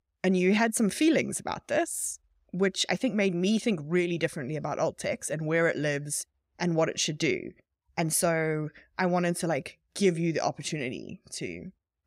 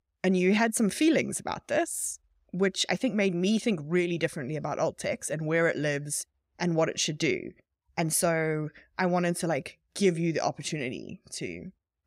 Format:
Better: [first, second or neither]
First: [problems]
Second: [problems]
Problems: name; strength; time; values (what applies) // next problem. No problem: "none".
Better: neither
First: none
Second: none